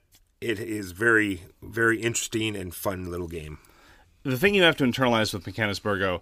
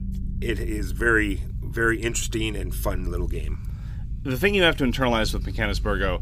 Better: first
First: none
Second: low rumble; faint; throughout; 25 dB below the speech

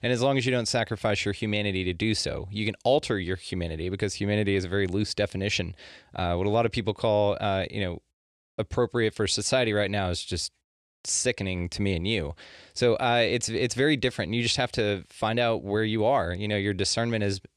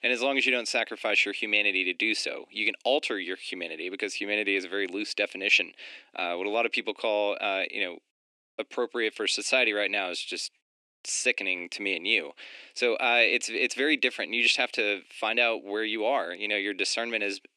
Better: first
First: none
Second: thin; somewhat; fading below 250 Hz

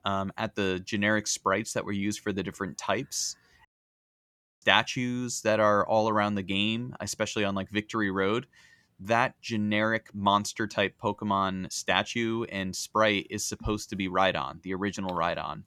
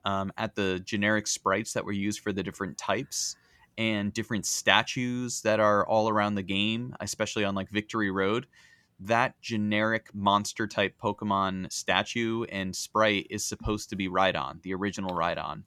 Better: second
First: audio cutting out; at 3.5 s for 1 s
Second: none

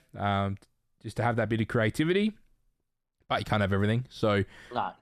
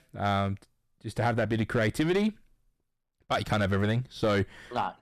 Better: first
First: none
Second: distortion; slight; 6% of the sound clipped

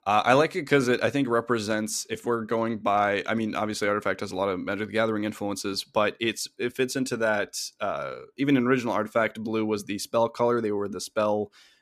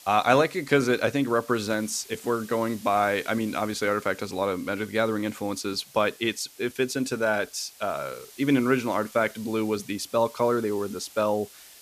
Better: first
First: none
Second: hiss; faint; throughout; 20 dB below the speech

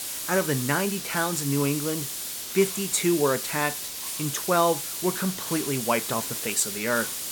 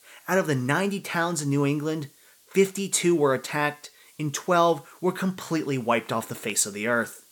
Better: second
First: hiss; loud; throughout; 4 dB below the speech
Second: hiss; faint; throughout; 30 dB below the speech

